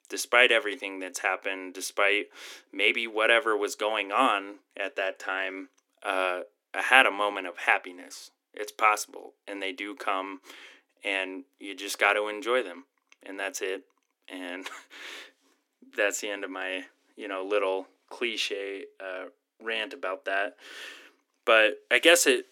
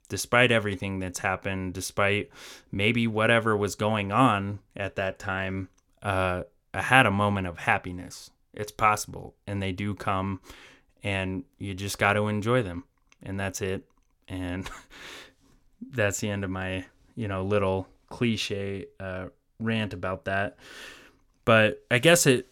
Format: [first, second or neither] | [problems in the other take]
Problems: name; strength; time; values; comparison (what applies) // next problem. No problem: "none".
second | thin; somewhat; fading below 300 Hz